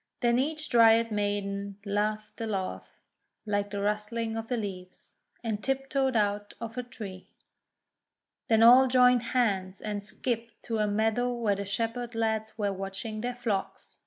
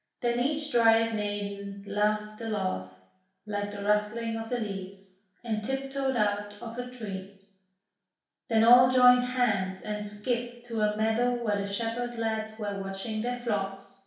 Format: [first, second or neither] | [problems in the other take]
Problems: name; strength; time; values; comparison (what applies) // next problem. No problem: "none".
first | room echo; dies away in 0.6 s